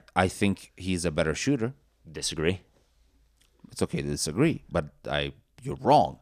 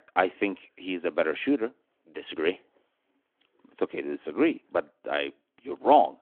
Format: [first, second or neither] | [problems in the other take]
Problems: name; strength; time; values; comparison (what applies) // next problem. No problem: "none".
first | phone-call audio